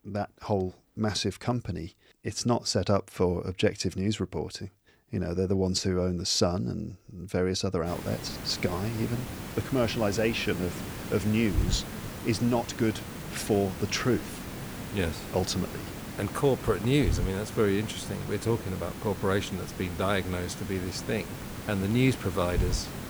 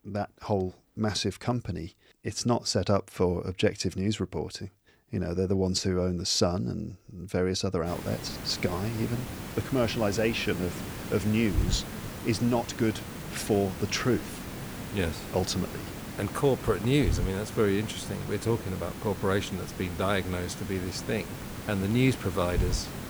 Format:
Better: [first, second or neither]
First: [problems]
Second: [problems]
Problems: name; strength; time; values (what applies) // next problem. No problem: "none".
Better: neither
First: hiss; loud; from 8 s on; 8 dB below the speech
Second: hiss; loud; from 8 s on; 8 dB below the speech